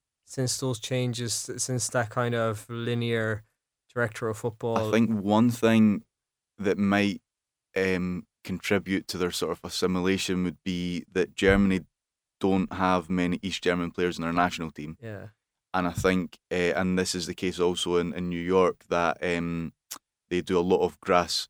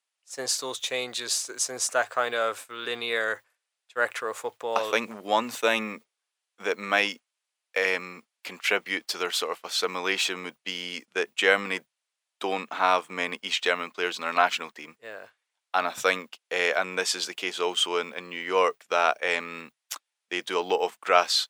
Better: first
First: none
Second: thin; very; fading below 650 Hz

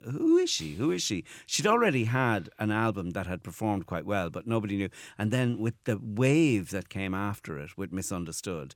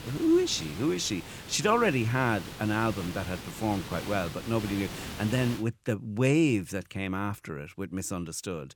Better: first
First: none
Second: hiss; noticeable; until 5.5 s; 10 dB below the speech

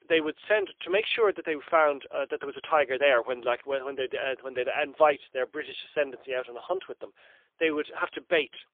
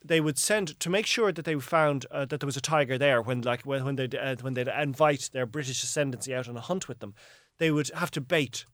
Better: second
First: phone-call audio; poor line; nothing above 3.5 kHz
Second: none

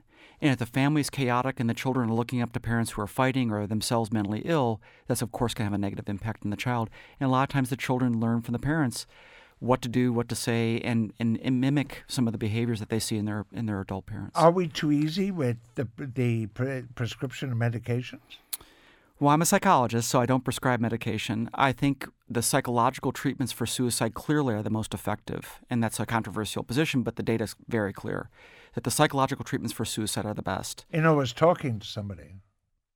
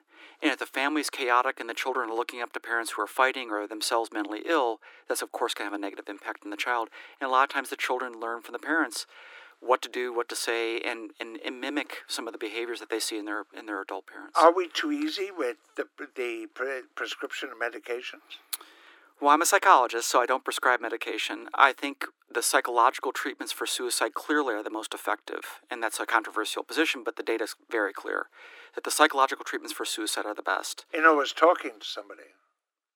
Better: first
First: none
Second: thin; very; fading below 300 Hz

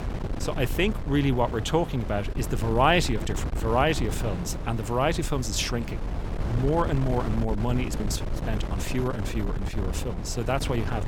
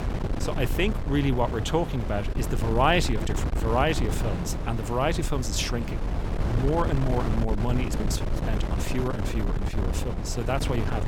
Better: first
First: wind noise on the microphone; occasional gusts; 10 dB below the speech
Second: wind noise on the microphone; heavy; 7 dB below the speech

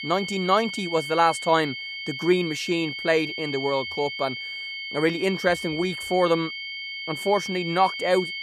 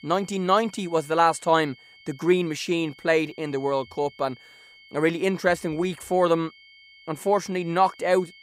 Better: second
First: high-pitched whine; loud; throughout; 2 kHz, 6 dB below the speech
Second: high-pitched whine; faint; throughout; 2 kHz, 25 dB below the speech

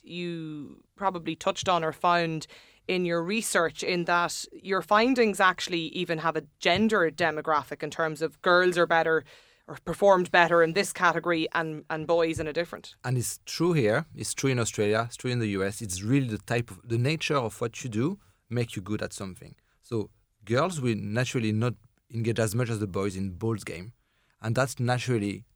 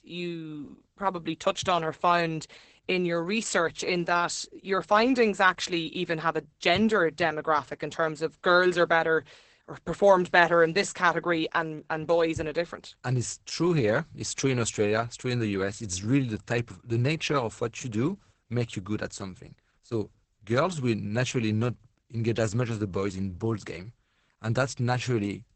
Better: first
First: none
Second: garbled, watery; badly; nothing above 8 kHz

